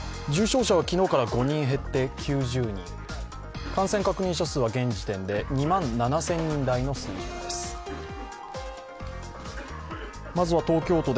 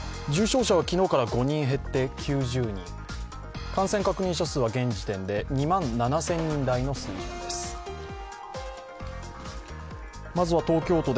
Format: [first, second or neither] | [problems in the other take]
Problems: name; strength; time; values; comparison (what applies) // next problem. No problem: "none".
second | background sound (Cough); 20 dB below the speech